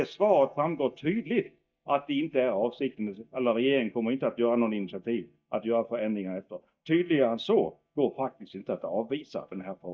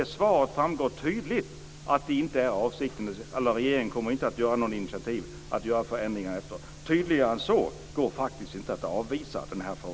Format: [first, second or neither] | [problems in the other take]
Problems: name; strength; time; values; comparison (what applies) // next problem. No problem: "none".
second | noise reduction (neural mask model DeepFilterNet 3)